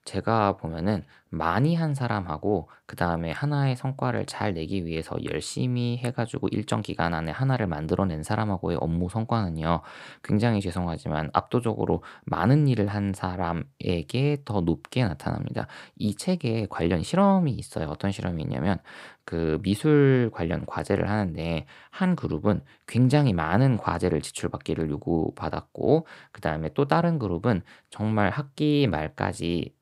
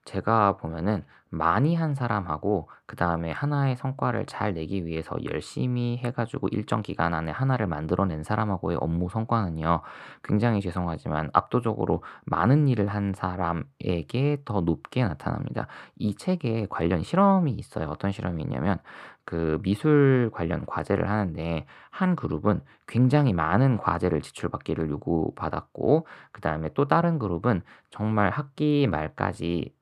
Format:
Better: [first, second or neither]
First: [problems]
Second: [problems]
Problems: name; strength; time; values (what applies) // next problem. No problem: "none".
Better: first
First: none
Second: muffled; slightly; fading above 3.5 kHz